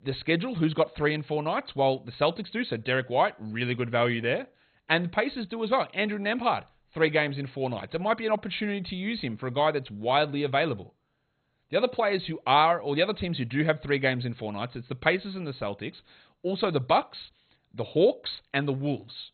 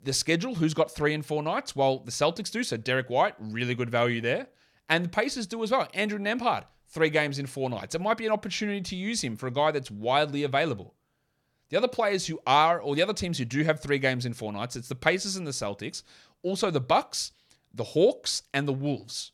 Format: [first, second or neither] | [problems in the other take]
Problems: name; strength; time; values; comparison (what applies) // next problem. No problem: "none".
second | garbled, watery; badly; nothing above 4 kHz